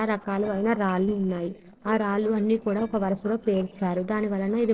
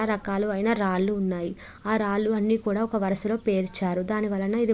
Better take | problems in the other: second | noise reduction (neural separator model SepFormer DNS4)

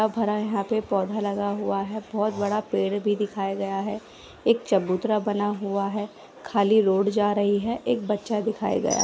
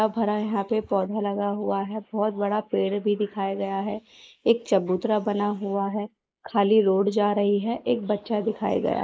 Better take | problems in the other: first | noise reduction (neural mask model Resemble Enhance denoiser)

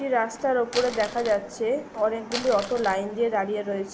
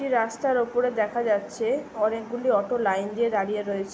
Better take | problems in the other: second | background sound (Crumpling, crinkling); 14 dB below the speech

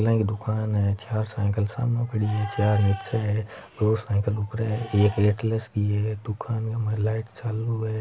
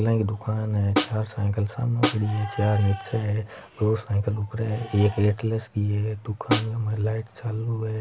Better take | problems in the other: first | background sound (Snare drum); 5 dB below the speech

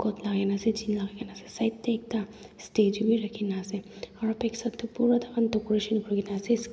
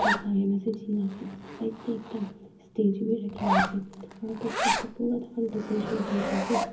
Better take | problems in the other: first | background sound (Zipper (clothing)); 3 dB below the speech // room echo; dies away in 0.3 s

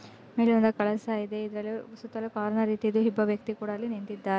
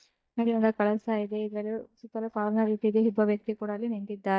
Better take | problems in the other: first | noise reduction (neural mask model DeepFilterNet 3)

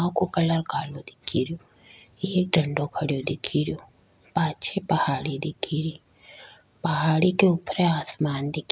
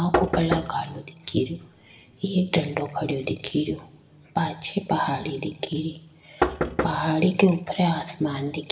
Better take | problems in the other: first | background sound (Knock); 3 dB below the speech // room echo; dies away in 1.9 s

